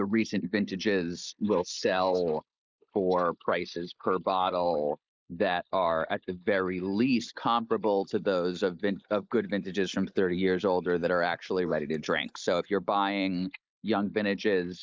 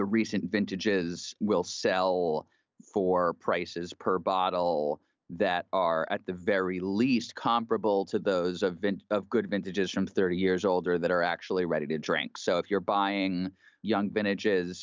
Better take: second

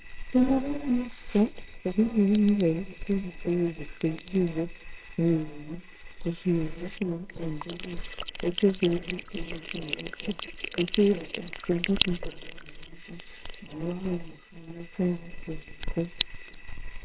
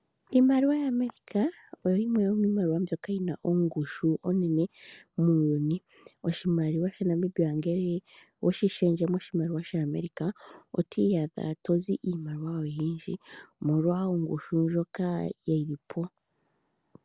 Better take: second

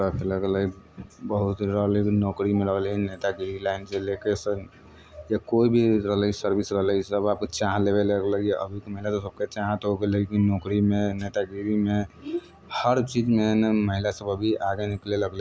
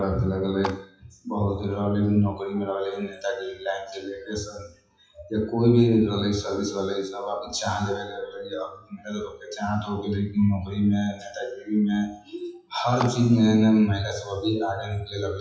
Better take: first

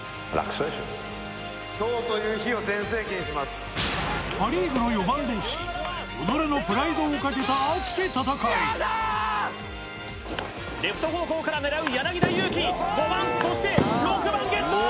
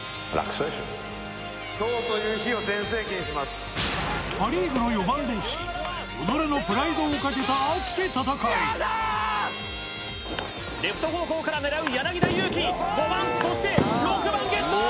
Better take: first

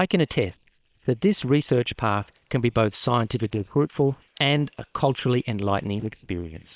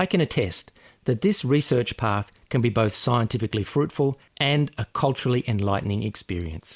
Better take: second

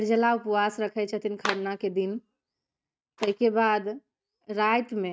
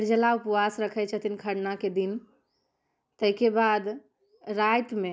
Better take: second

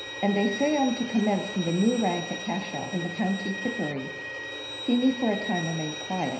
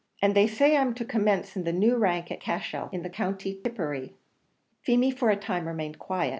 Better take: second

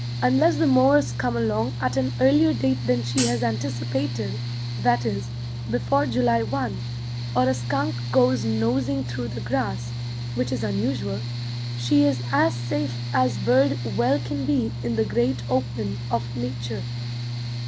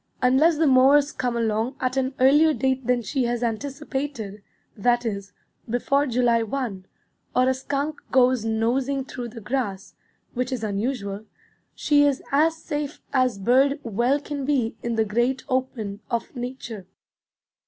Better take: second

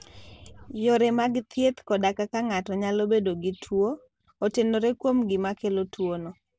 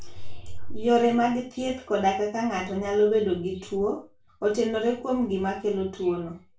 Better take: first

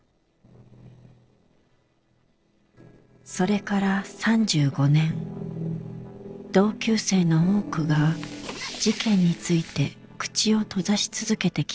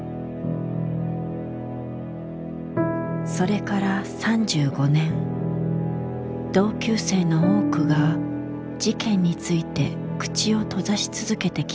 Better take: second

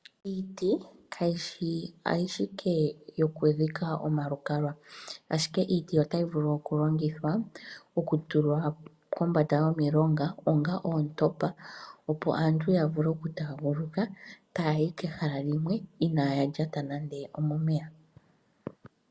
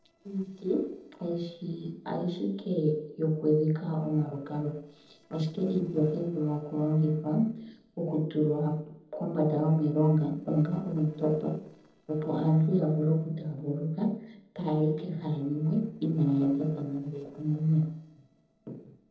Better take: first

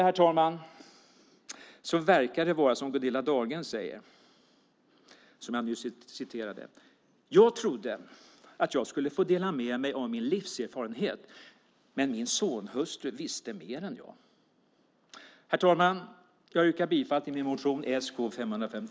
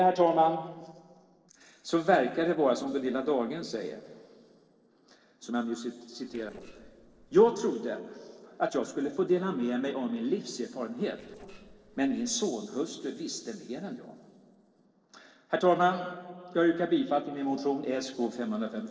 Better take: first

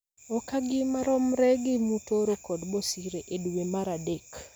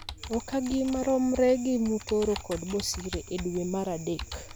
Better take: first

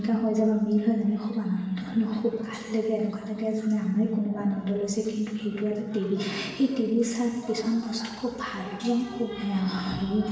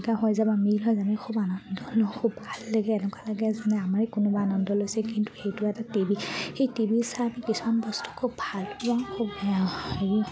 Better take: second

